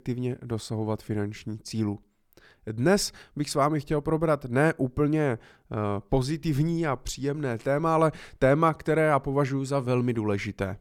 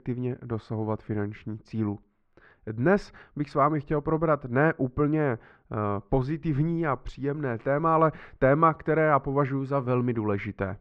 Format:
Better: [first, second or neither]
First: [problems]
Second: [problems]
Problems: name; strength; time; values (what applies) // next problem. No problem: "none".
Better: first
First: none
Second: muffled; very; fading above 2 kHz